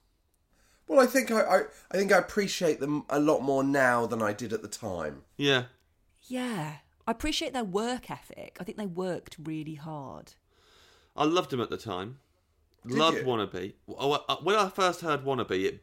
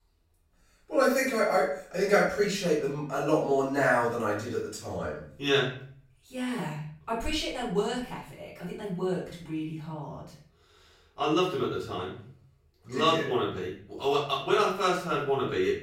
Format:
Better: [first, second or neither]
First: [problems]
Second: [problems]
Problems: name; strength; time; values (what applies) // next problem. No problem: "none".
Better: first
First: none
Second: off-mic speech; far // room echo; noticeable; dies away in 0.5 s